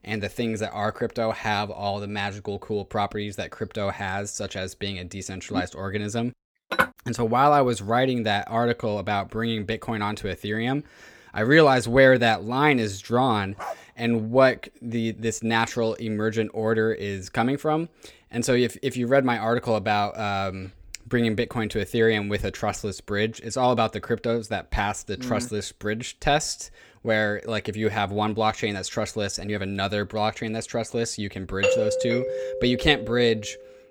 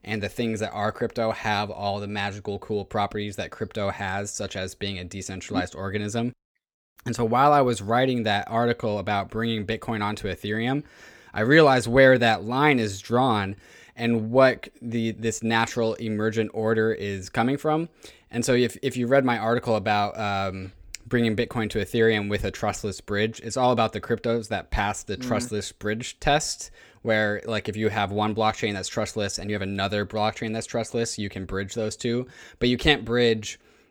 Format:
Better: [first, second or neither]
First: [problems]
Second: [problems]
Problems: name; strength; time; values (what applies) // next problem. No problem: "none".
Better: second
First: clattering dishes; loud; at 6.5 s; peak level with the speech // dog barking; faint; at 14 s; peak 10 dB below the speech // doorbell; loud; from 32 to 33 s; peak 2 dB above the speech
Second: none